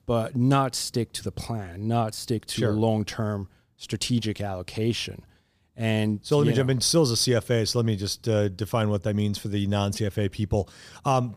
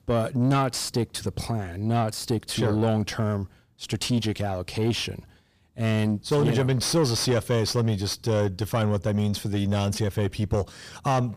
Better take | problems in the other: first | distortion; slight; 10 dB below the speech

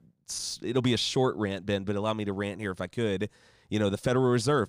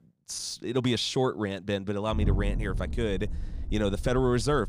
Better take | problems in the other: first | low rumble; noticeable; from 2 s on; 15 dB below the speech

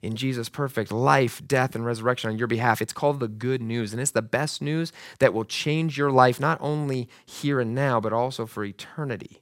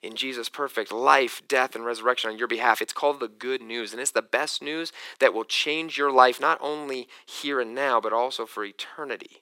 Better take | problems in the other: first | thin; very; fading below 350 Hz

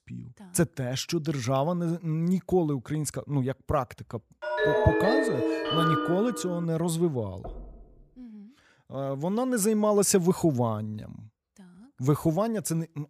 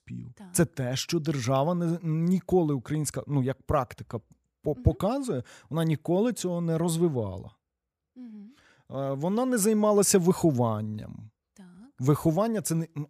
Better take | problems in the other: second | phone ringing; loud; from 4.5 to 6.5 s; peak 3 dB above the speech // door banging; faint; at 7.5 s; peak 15 dB below the speech

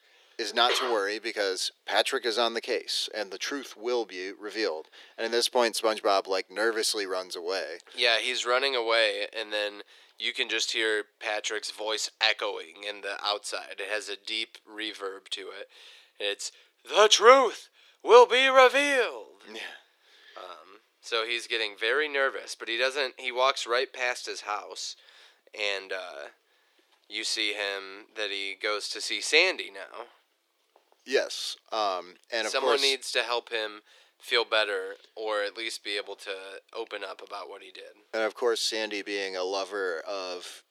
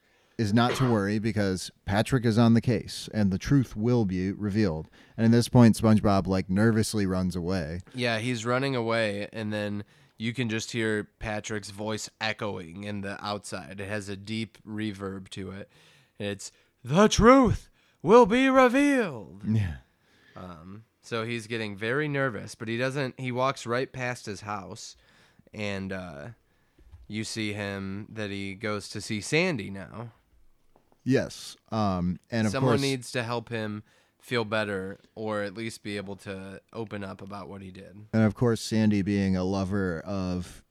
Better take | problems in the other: second | thin; very; fading below 350 Hz

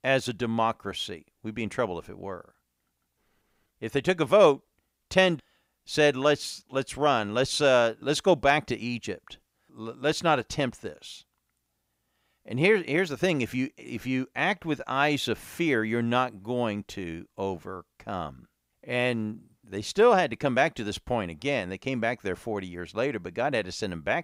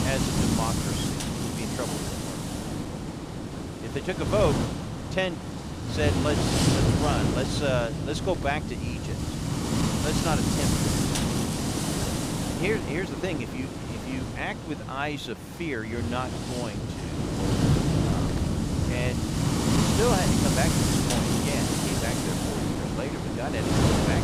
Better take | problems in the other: first | wind noise on the microphone; heavy; 1 dB above the speech

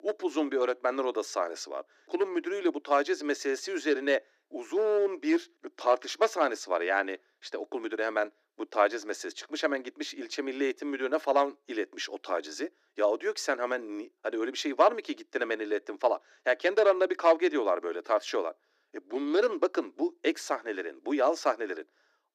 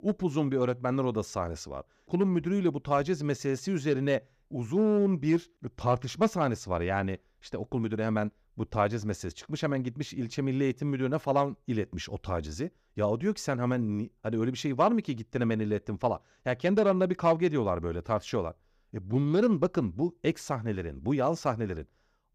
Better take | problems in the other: second | thin; somewhat; fading below 300 Hz

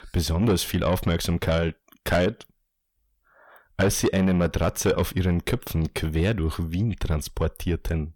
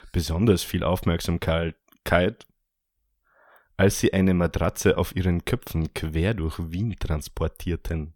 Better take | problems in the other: second | distortion; slight; 10 dB below the speech

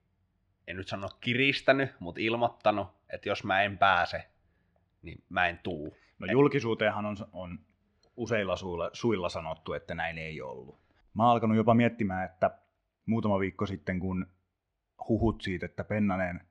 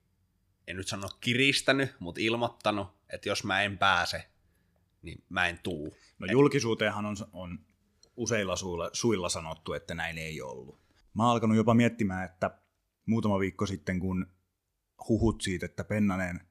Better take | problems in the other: second | muffled; slightly; fading above 2.5 kHz

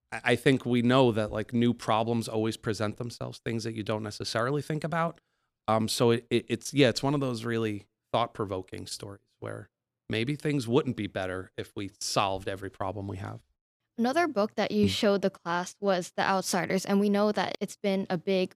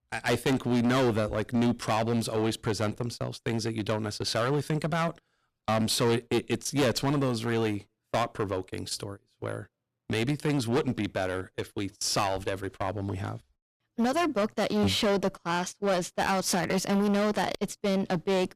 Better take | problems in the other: first | distortion; heavy; 12% of the sound clipped

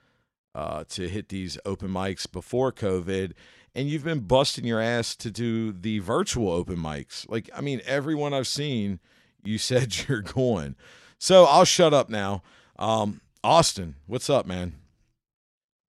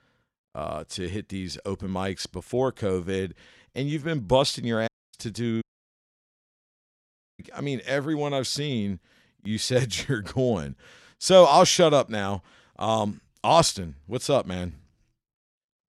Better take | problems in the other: first | audio cutting out; at 5 s and at 5.5 s for 2 s

